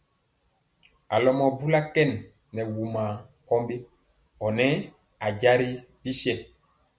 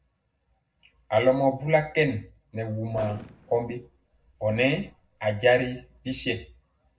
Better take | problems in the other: first | noise reduction (neural separator model SepFormer DNS4)

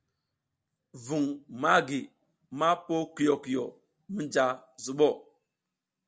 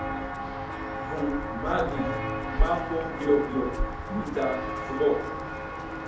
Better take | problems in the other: first | background sound (Walk, footsteps); as loud as the speech // room echo; dies away in 2.1 s

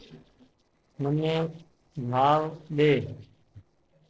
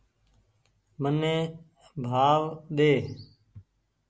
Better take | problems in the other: second | noise reduction (neural separator model SepFormer DNS4)

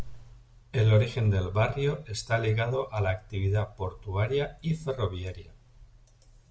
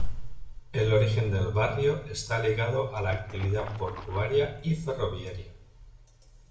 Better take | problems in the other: first | background sound (Water / Splash, splatter); 15 dB below the speech // room echo; dies away in 0.6 s

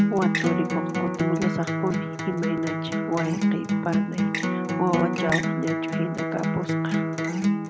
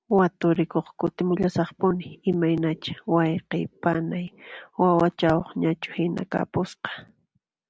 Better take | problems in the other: second | background sound (Acoustic guitar); 4 dB above the speech

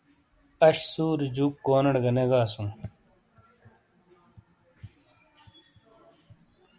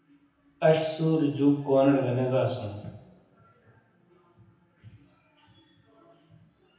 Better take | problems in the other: first | room echo; dies away in 0.9 s

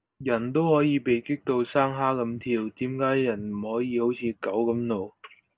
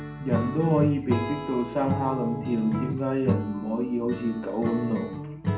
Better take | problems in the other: first | background sound (Acoustic guitar / Strum); 4 dB below the speech // room echo; dies away in 0.6 s

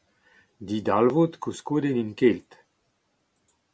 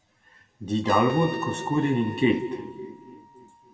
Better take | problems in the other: first | background sound (Trumpet); 14 dB below the speech // room echo; dies away in 1.7 s

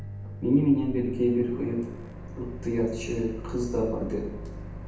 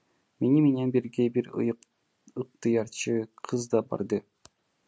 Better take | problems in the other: second | background sound (Microwave oven); 10 dB below the speech // room echo; dies away in 0.8 s

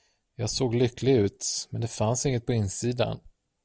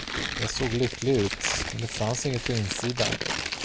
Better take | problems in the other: first | background sound (Tearing); 3 dB below the speech

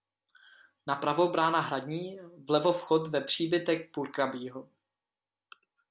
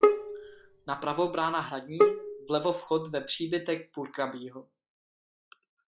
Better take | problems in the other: first | noise reduction (classical method log-MMSE)

